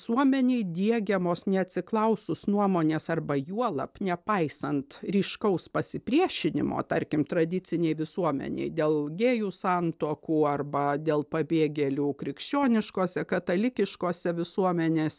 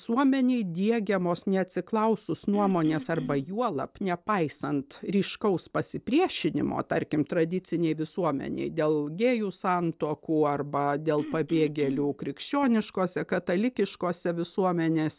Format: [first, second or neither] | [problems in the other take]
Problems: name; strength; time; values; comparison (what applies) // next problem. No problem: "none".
first | background sound (Cough); 12 dB below the speech